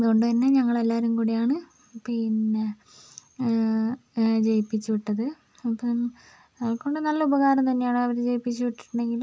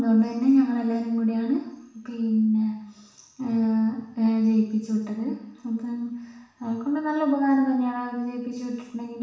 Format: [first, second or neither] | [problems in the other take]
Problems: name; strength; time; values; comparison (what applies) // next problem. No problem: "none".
first | room echo; dies away in 0.7 s